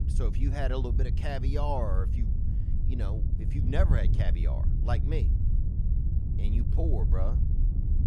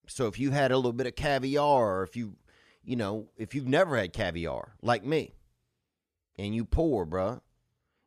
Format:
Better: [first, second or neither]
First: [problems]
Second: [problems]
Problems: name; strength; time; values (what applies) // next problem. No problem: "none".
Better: second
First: wind noise on the microphone; heavy; 7 dB below the speech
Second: none